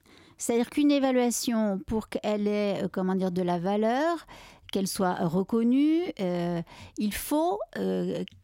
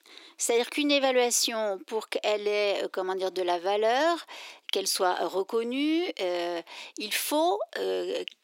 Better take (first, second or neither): first